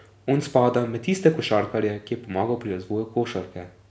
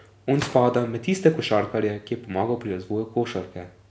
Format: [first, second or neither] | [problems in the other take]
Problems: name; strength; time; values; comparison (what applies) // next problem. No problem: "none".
first | background sound (Gunshot, gunfire); 19 dB below the speech